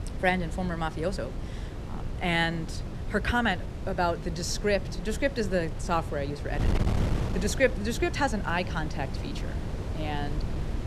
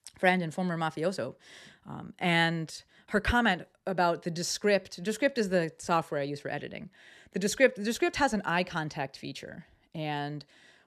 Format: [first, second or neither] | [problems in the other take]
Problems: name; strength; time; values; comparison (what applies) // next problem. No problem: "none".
second | wind noise on the microphone; occasional gusts; 10 dB below the speech